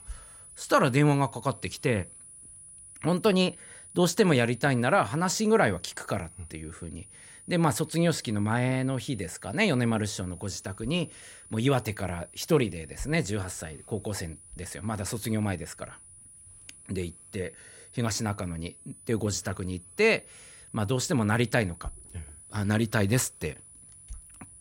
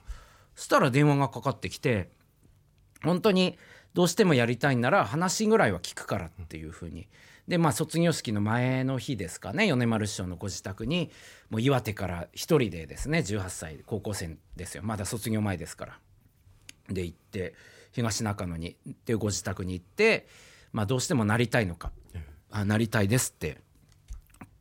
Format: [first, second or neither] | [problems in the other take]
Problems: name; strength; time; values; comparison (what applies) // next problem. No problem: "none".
second | high-pitched whine; noticeable; throughout; 9.5 kHz, 20 dB below the speech